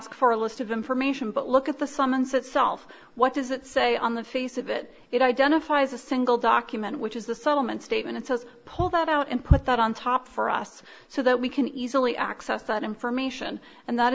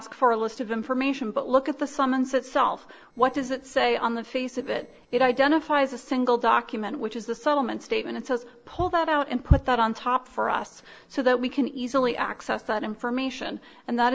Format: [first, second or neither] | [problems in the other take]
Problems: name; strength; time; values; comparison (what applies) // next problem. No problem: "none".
first | noise reduction (neural separator model SepFormer DNS4)